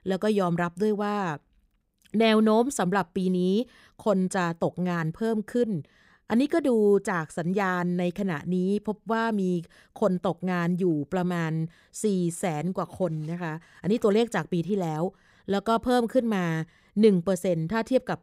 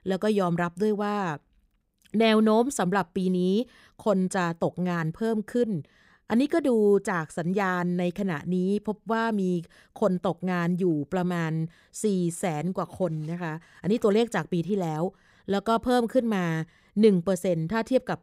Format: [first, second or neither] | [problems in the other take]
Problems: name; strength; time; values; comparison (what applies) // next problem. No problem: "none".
neither | none